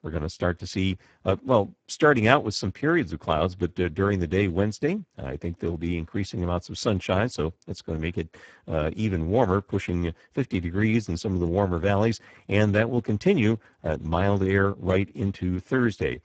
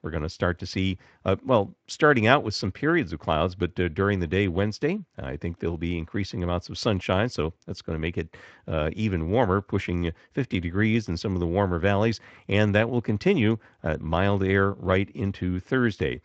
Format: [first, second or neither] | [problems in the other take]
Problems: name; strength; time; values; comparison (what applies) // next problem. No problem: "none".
second | garbled, watery; badly; nothing above 7.5 kHz; slightly in the second